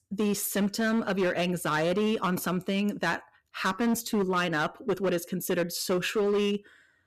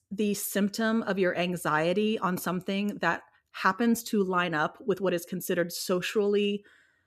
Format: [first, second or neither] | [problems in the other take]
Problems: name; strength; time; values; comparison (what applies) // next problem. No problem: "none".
second | distortion; slight; 12% of the sound clipped